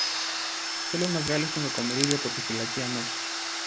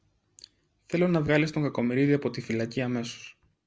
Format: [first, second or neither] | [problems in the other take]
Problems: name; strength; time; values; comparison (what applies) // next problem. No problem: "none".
second | background sound (Domestic sounds, home sounds + Crack); 1 dB above the speech